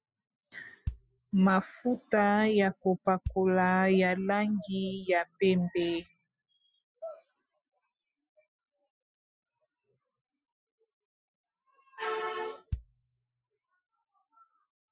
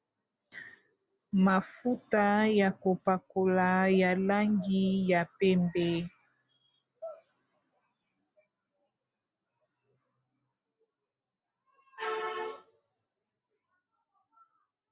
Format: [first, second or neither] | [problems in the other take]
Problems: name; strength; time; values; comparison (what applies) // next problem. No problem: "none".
second | noise reduction (classical method spectral subtraction)